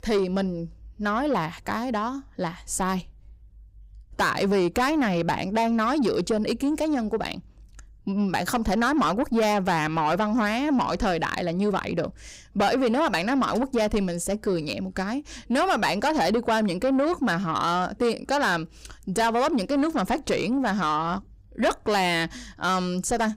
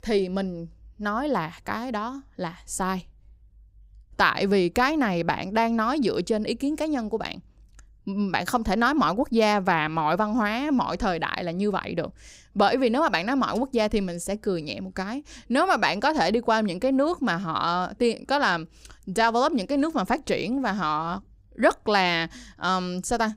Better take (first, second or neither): second